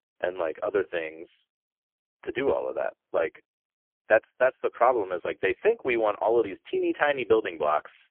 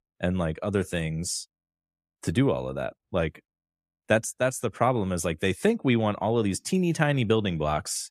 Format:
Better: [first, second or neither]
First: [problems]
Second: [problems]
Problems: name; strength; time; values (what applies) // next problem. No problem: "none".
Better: second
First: phone-call audio; poor line; nothing above 3.5 kHz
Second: none